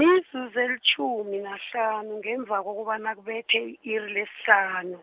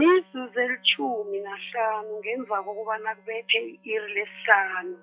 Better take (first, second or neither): first